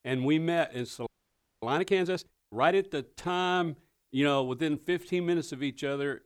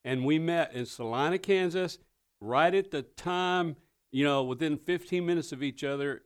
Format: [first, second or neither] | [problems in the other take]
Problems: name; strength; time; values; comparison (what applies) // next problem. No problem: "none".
second | audio freezing; at 1 s for 0.5 s